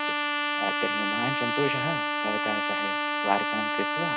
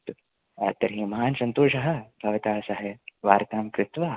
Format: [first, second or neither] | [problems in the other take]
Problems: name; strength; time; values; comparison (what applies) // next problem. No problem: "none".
second | background sound (Trumpet); 5 dB above the speech